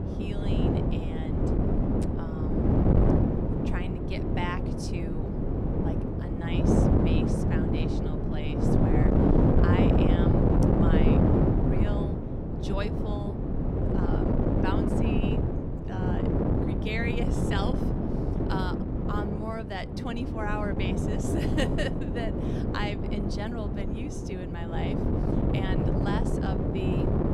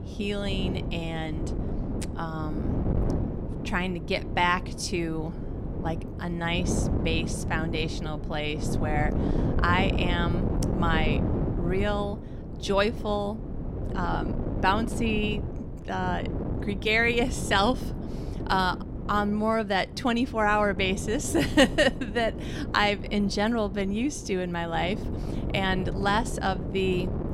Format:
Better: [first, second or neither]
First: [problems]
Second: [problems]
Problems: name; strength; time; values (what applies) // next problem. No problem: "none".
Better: second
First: wind noise on the microphone; heavy; 5 dB above the speech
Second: wind noise on the microphone; occasional gusts; 10 dB below the speech